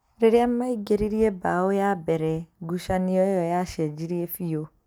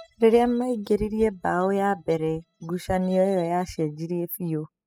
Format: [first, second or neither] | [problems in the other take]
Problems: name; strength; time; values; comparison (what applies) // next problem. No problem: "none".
first | noise reduction (classical method spectral subtraction)